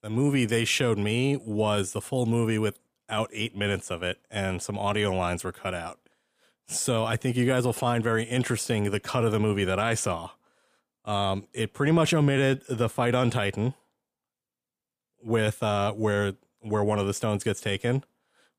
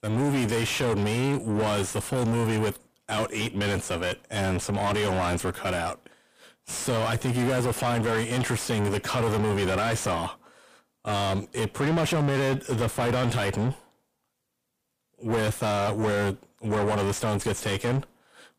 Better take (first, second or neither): first